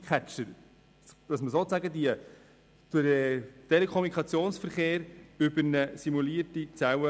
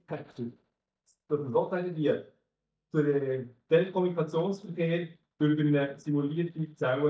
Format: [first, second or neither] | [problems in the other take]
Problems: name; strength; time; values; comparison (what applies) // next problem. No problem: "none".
first | noise reduction (neural mask model DeepFilterNet 3)